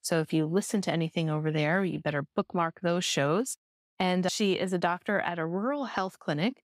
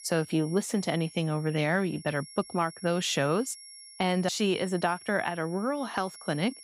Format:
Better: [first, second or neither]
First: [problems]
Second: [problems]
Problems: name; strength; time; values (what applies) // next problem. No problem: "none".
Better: first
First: none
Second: high-pitched whine; noticeable; throughout; 5.5 kHz, 15 dB below the speech